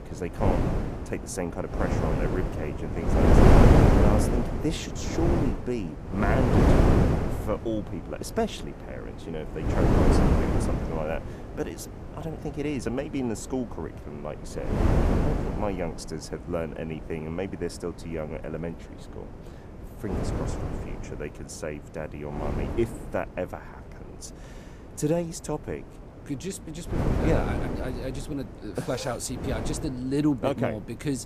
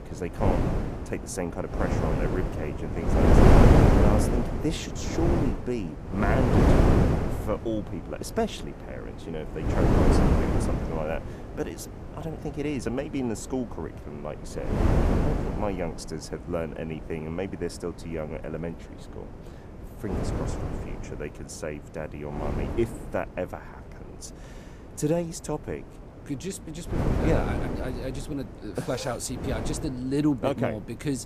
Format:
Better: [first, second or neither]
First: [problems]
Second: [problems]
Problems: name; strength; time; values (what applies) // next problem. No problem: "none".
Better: neither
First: wind noise on the microphone; heavy; 4 dB above the speech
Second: wind noise on the microphone; heavy; 4 dB above the speech